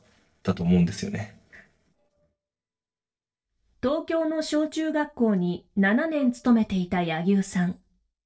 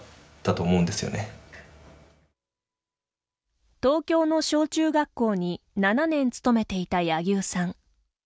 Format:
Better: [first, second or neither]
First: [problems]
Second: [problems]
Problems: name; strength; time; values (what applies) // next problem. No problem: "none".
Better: second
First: noise reduction (neural separator model SepFormer DNS4)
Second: none